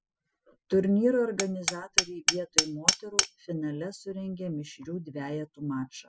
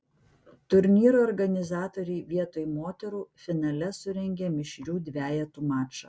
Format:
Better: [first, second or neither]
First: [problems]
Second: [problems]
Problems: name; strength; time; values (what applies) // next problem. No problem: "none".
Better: second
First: noise reduction (classical method spectral subtraction)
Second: none